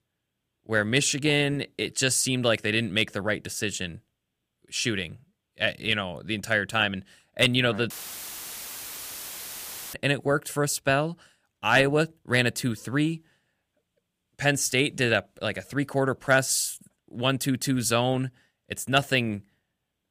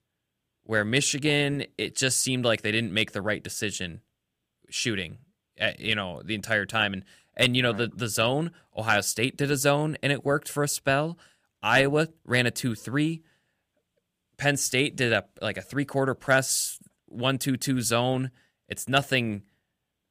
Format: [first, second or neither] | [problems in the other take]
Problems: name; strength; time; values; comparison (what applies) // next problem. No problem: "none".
second | audio cutting out; filled with static; at 8 s for 2 s